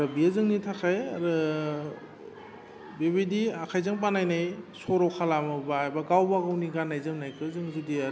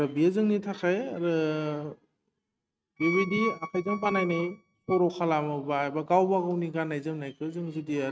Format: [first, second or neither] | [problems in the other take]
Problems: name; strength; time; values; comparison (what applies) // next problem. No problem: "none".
first | noise reduction (neural mask model RNNoise)